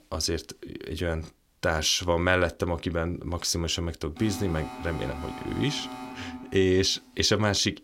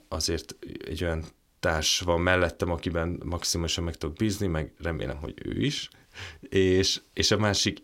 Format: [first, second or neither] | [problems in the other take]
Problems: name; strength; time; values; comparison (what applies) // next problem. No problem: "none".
second | alarm; faint; from 4 to 7 s; peak 10 dB below the speech